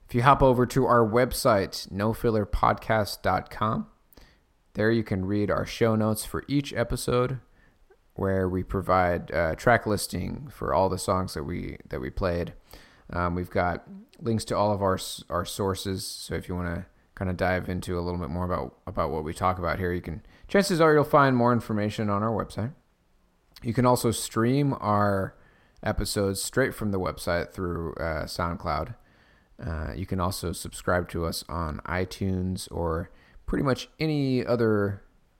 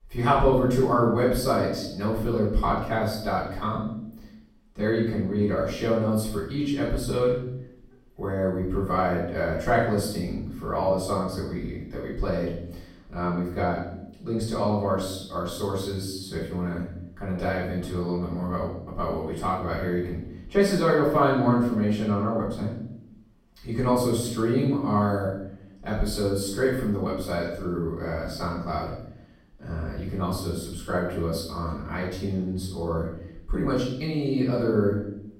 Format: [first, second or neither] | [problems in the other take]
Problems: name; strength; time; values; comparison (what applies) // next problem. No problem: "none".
first | off-mic speech; far // room echo; noticeable; dies away in 0.7 s